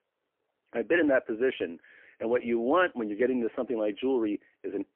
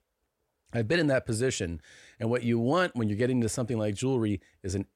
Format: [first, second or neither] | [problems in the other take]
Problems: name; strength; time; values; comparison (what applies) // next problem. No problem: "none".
second | phone-call audio; poor line; nothing above 3 kHz